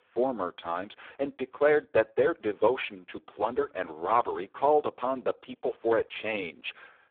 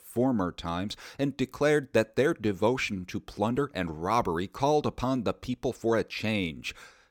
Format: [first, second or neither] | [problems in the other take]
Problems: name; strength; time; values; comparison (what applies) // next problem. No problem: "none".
second | phone-call audio; poor line